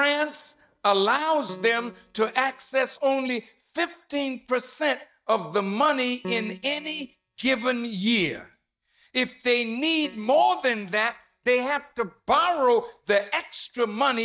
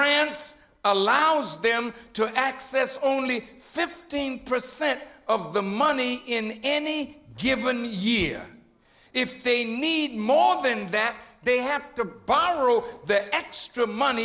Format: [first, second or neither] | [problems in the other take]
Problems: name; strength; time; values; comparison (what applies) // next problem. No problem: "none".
second | noise reduction (neural mask model DeepFilterNet 3)